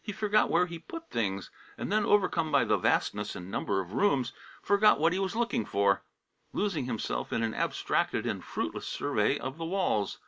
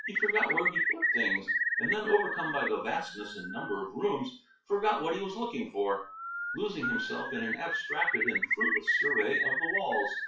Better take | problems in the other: first | noise reduction (classical method WPE with log-MMSE)

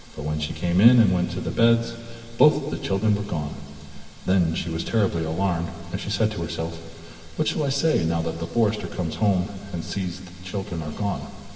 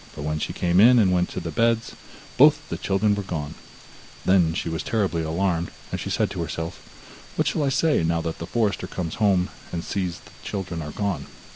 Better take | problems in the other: second | room echo; dies away in 2.3 s

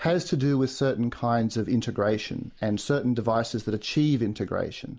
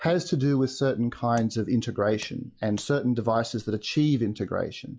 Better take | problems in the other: first | noise reduction (classical method log-MMSE)

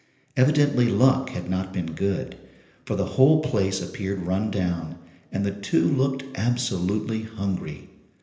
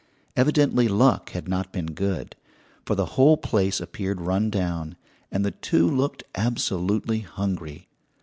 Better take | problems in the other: second | room echo; dies away in 1.4 s

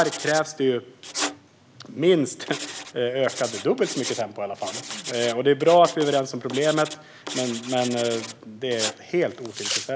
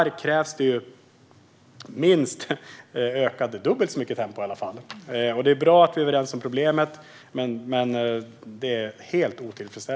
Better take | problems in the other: second | background sound (Writing); 10 dB below the speech

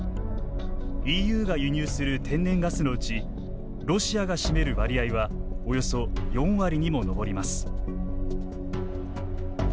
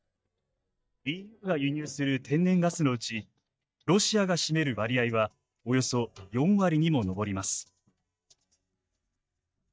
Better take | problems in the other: first | noise reduction (neural mask model DeepFilterNet 3)

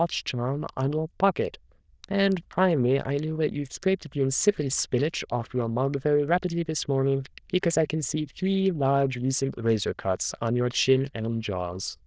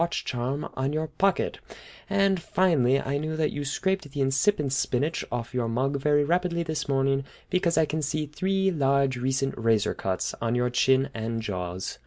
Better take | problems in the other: second | noise reduction (neural diffusion model UNIVERSE++)

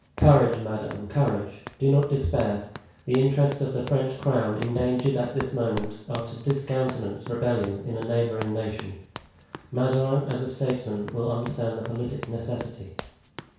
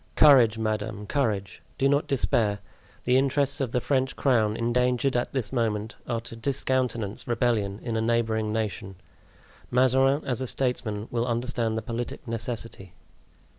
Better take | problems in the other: second | background sound (Run); 16 dB below the speech // room echo; dies away in 0.6 s

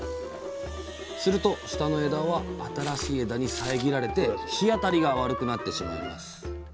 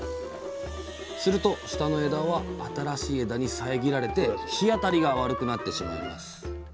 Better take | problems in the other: second | background sound (Walk, footsteps); 12 dB below the speech

